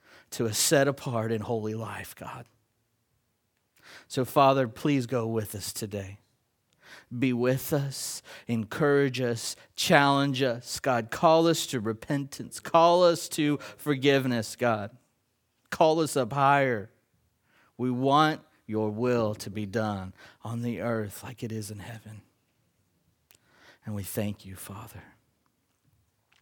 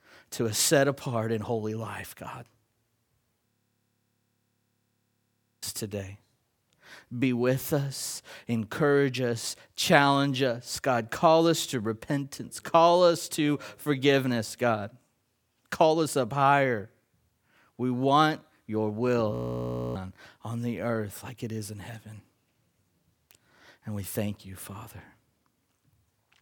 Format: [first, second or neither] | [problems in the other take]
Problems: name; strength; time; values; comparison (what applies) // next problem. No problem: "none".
first | audio freezing; at 3.5 s for 2 s and at 19 s for 0.5 s